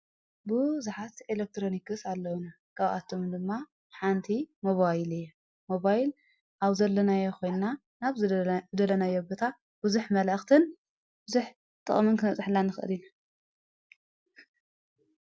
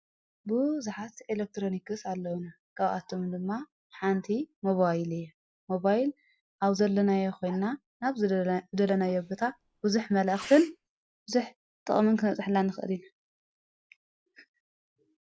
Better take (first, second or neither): first